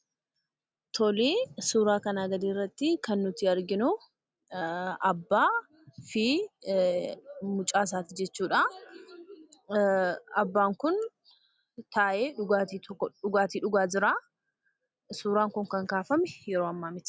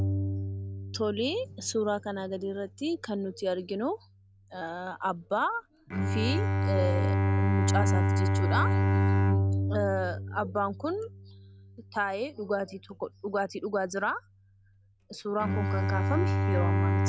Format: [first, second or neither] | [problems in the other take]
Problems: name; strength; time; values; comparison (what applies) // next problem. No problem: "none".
first | background sound (Bowed string instrument); 3 dB above the speech